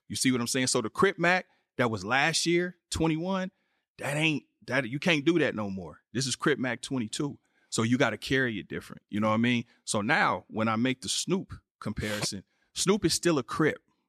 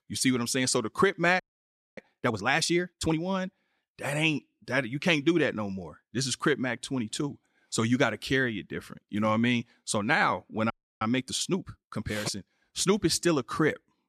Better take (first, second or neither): first